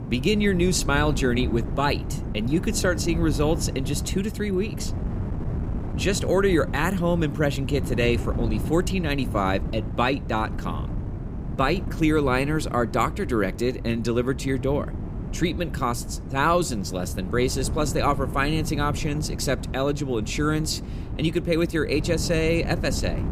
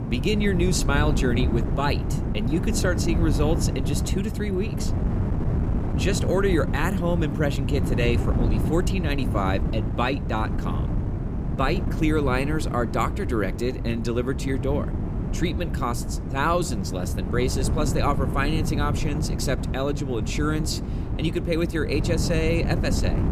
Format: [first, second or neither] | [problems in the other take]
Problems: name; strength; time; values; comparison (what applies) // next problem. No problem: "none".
first | wind noise on the microphone; heavy; 8 dB below the speech; occasional gusts in the first